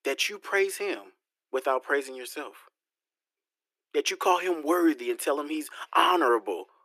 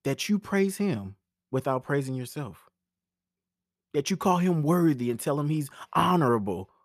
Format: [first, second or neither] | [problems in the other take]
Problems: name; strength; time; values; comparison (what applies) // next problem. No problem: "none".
second | thin; very; fading below 300 Hz